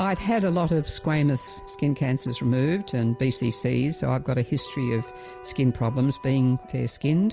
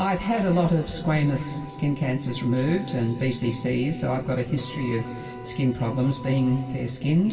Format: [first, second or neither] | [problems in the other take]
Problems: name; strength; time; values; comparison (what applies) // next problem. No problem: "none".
first | room echo; dies away in 2.4 s